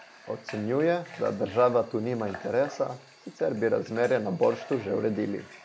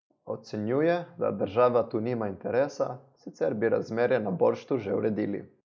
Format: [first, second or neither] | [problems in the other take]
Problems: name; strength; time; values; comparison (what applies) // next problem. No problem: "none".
second | background sound (Water tap, faucet / Water); 19 dB below the speech